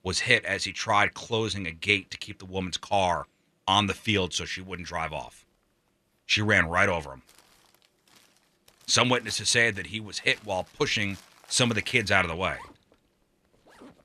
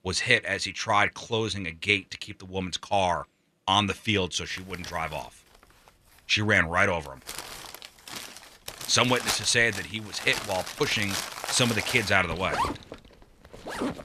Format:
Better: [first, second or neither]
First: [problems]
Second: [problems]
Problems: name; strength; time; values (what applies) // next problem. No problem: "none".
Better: first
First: household noises; faint; from 4.5 s on; 30 dB below the speech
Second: household noises; loud; from 4.5 s on; 9 dB below the speech